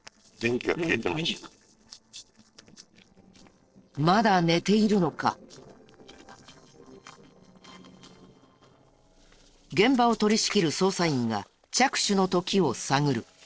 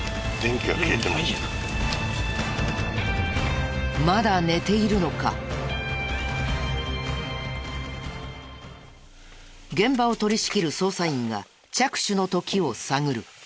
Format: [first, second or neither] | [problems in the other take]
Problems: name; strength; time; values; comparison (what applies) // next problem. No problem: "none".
second | noise reduction (neural separator model SepFormer DNS4)